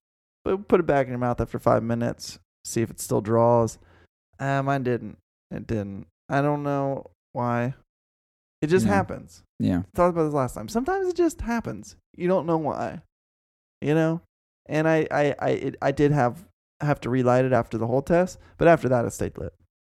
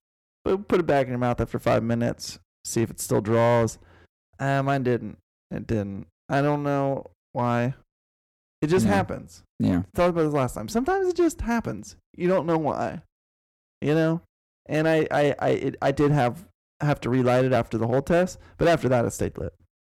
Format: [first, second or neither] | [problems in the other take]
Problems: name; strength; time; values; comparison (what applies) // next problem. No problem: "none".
first | distortion; slight; 5% of the sound clipped